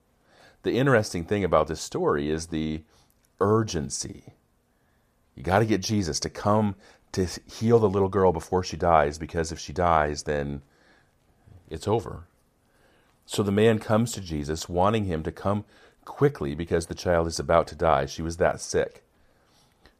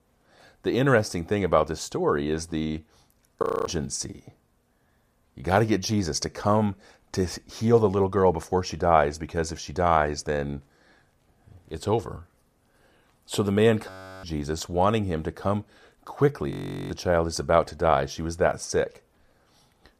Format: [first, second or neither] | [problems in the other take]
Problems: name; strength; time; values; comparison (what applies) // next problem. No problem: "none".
first | audio freezing; at 3.5 s, at 14 s and at 17 s